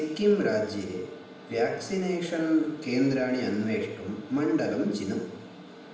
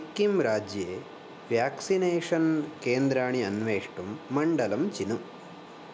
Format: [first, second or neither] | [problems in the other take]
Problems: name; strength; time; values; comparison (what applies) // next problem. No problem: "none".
second | room echo; dies away in 0.8 s